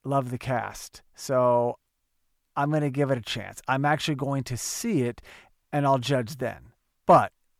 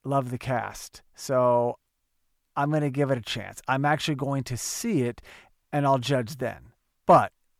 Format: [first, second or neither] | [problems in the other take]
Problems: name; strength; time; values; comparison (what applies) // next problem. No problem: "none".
neither | none